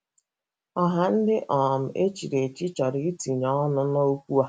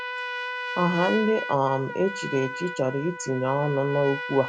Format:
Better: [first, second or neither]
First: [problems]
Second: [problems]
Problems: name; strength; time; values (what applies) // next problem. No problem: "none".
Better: first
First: none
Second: background sound (Trumpet); 7 dB below the speech